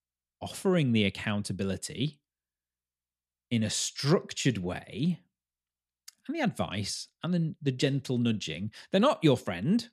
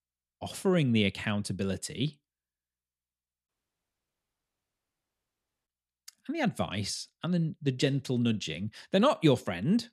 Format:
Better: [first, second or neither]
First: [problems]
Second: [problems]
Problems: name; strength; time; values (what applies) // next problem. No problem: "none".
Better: first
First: none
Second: audio cutting out; at 3.5 s for 2 s